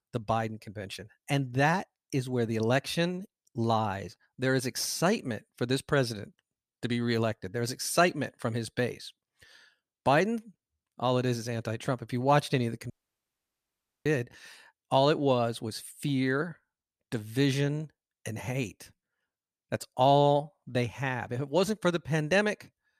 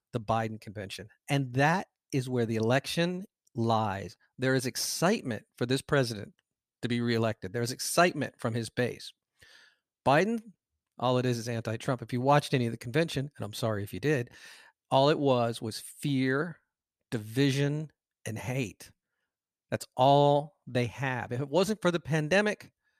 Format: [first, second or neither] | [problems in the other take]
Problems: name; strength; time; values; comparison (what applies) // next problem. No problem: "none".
second | audio cutting out; at 13 s for 1 s